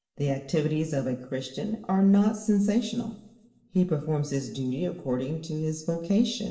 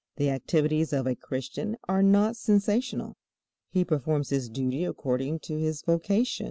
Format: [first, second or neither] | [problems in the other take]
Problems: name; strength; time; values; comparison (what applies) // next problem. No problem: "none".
second | room echo; dies away in 1.1 s